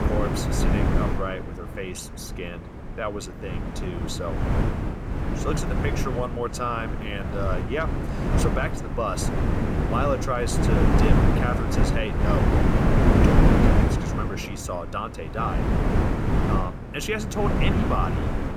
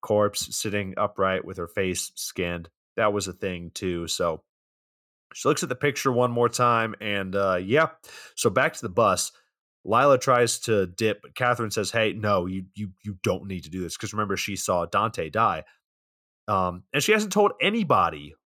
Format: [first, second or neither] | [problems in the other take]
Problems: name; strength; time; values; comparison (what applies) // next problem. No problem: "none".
second | wind noise on the microphone; heavy; 1 dB above the speech